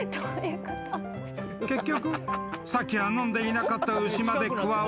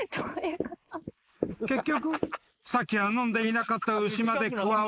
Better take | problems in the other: first | noise reduction (neural mask model Resemble Enhance denoiser)

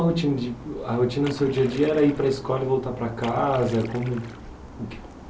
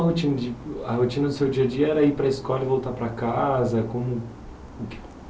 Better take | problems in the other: second | background sound (Splash, splatter); 18 dB below the speech

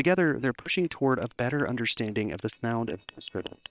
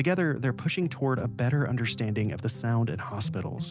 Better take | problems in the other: second | noise reduction (neural separator model SepFormer WHAM!)

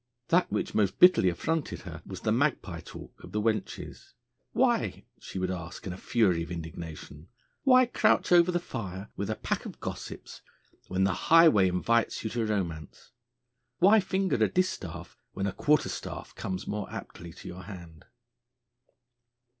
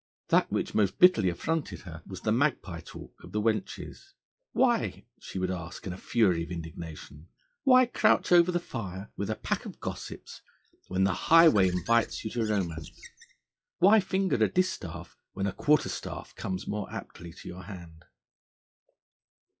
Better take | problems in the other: first | noise reduction (classical method log-MMSE)

